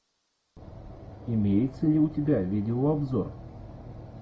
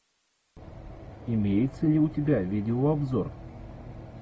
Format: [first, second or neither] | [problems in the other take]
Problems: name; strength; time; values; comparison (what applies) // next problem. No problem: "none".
second | room echo; dies away in 0.5 s